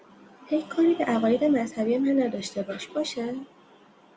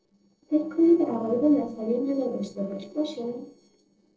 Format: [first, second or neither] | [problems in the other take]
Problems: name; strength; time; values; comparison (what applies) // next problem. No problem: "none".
first | noise reduction (neural separator model SepFormer DNS4)